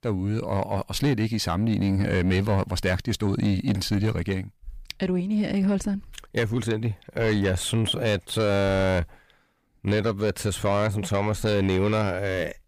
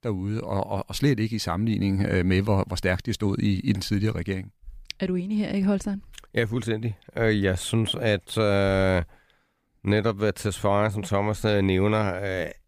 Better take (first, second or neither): second